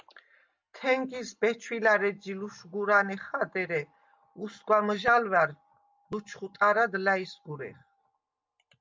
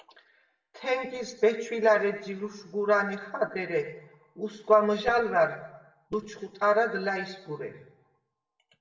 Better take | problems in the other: first | room echo; dies away in 0.8 s

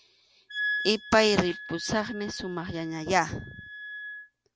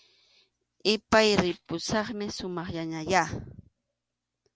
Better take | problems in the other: second | background sound (Wind instrument, woodwind instrument); 9 dB below the speech

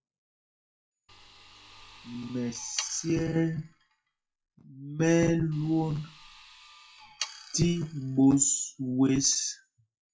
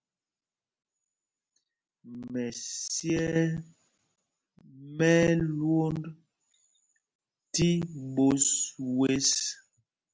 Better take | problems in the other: second | noise reduction (classical method WPE with log-MMSE)

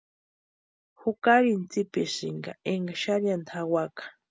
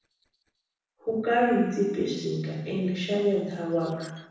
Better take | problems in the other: first | noise reduction (neural separator model SepFormer DNS4)

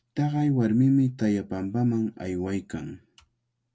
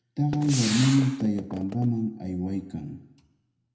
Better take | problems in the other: first | background sound (Gunshot, gunfire); 8 dB below the speech // room echo; dies away in 0.8 s

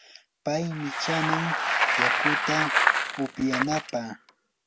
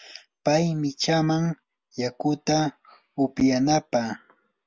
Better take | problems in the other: second | background sound (Bicycle); 4 dB above the speech

